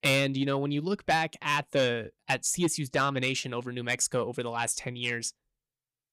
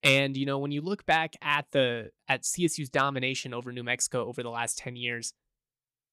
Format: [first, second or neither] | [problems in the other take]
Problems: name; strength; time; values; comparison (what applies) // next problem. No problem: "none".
second | distortion; slight; 10 dB below the speech